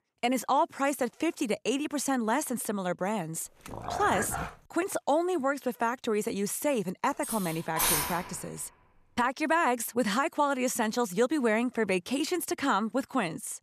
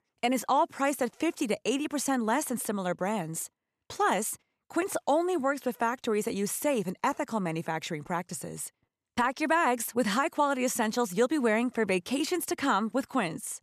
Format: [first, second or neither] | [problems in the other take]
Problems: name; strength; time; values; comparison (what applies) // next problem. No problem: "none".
second | dog barking; noticeable; at 3.5 s; peak 4 dB below the speech // clattering dishes; loud; from 7 to 8.5 s; peak 4 dB above the speech